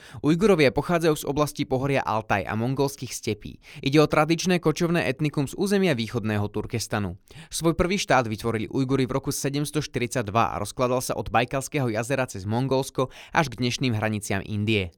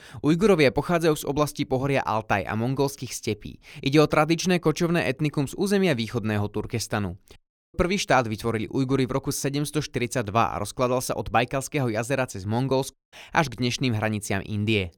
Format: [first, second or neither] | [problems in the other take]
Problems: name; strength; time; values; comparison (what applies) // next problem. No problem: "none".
first | audio cutting out; at 7.5 s and at 13 s